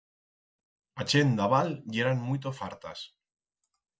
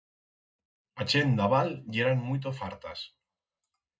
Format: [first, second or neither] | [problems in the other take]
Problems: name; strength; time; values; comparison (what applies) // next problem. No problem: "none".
first | room echo; dies away in 0.2 s